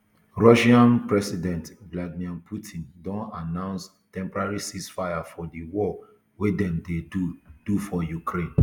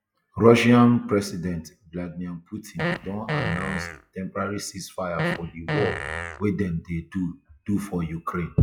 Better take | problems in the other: first | noise reduction (classical method log-MMSE)

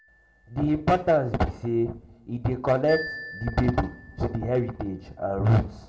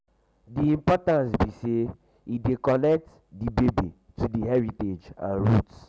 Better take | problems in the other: second | background sound (Marimba, xylophone); 18 dB below the speech // room echo; dies away in 0.4 s

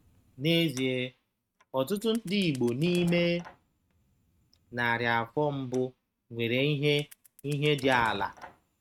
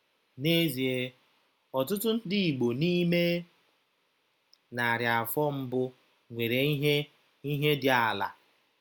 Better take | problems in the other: second | noise reduction (neural mask model RNNoise)

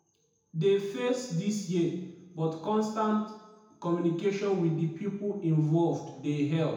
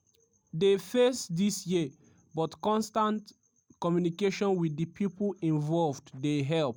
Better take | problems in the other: second | room echo; dies away in 0.9 s

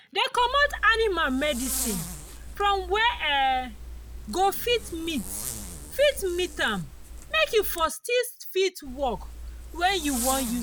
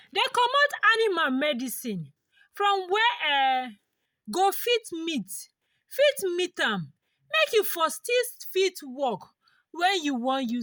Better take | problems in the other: second | background sound (Zipper (clothing)); 11 dB below the speech

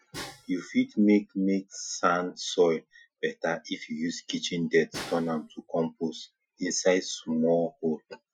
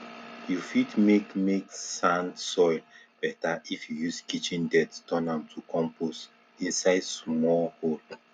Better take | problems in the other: second | noise reduction (classical method Wiener filter)

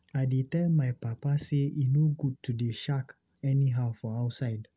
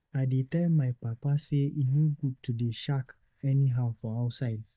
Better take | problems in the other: first | noise reduction (neural mask model DeepFilterNet 3)

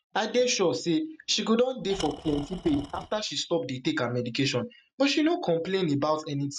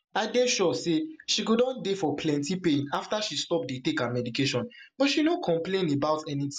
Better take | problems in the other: second | noise reduction (neural mask model RNNoise)

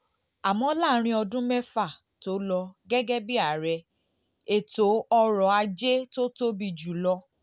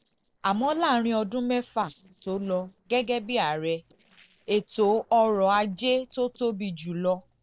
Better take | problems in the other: first | noise reduction (neural separator model SepFormer DNS4)

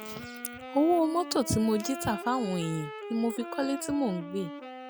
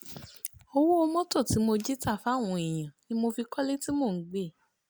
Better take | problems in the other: second | background sound (Wind instrument, woodwind instrument); 11 dB below the speech

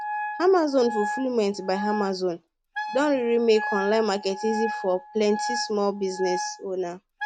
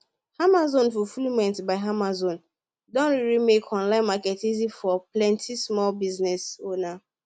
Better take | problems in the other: second | background sound (Wind instrument, woodwind instrument); 8 dB below the speech

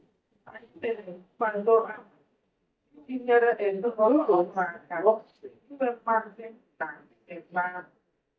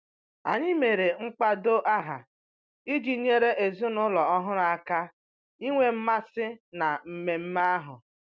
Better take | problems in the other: second | noise reduction (neural mask model DeepFilterNet 3)

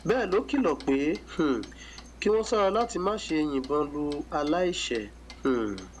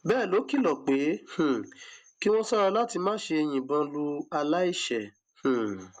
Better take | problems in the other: second | background sound (Clock); 19 dB below the speech

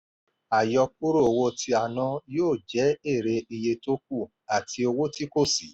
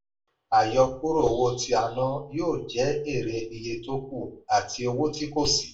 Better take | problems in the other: first | room echo; dies away in 0.3 s

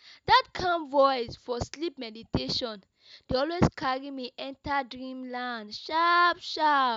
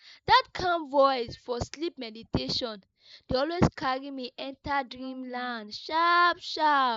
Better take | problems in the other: first | noise reduction (neural mask model Resemble Enhance denoiser)

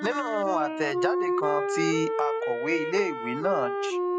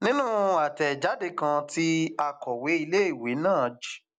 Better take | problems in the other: second | noise reduction (classical method spectral subtraction)

